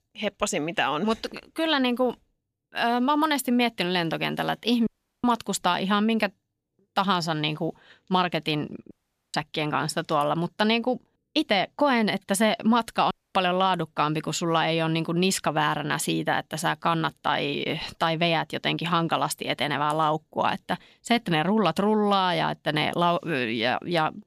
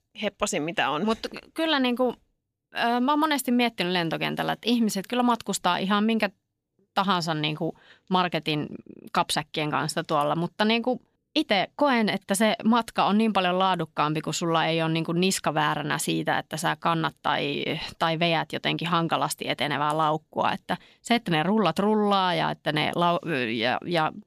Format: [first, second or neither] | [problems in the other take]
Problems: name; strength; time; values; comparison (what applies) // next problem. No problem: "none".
second | audio cutting out; at 5 s, at 9 s and at 13 s